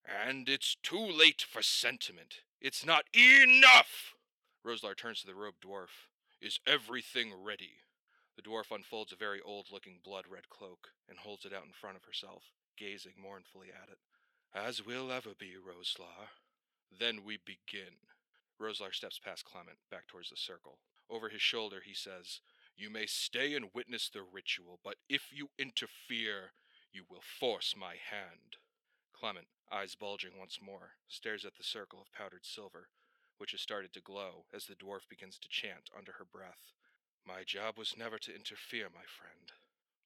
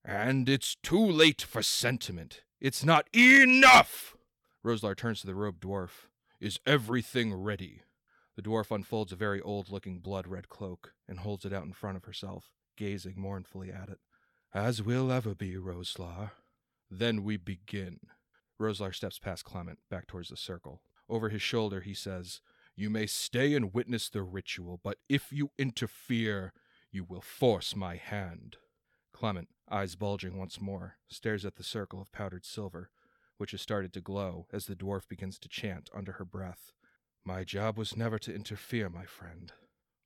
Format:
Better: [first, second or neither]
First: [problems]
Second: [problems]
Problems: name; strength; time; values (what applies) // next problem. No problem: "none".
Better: second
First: thin; somewhat; fading below 350 Hz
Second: none